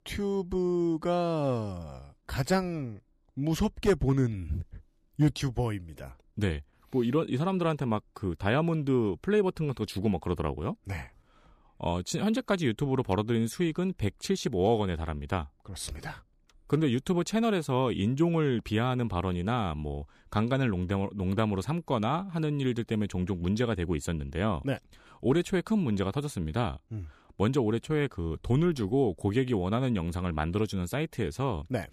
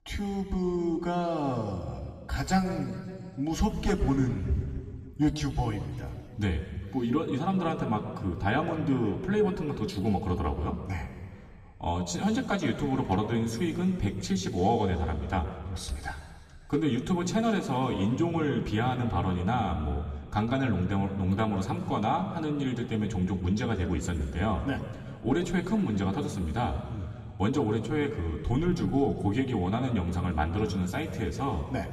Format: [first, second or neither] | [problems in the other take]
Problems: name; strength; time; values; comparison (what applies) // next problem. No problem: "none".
first | room echo; slight; dies away in 2 s // off-mic speech; far